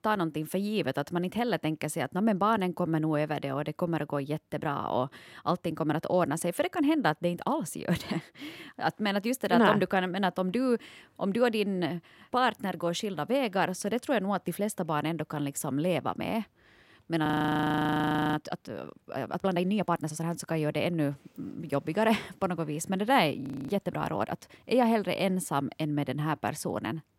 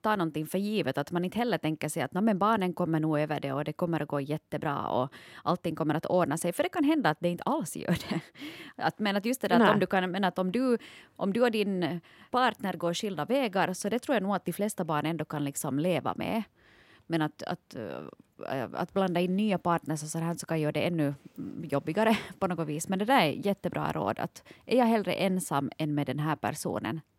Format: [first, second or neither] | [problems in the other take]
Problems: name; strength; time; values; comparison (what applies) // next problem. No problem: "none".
second | audio freezing; at 17 s for 1 s and at 23 s